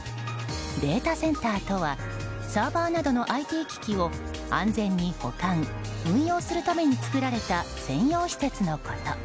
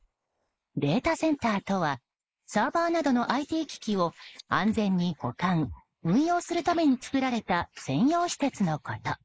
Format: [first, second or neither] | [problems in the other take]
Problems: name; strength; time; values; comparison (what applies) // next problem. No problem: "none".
first | noise reduction (neural mask model Resemble Enhance denoiser)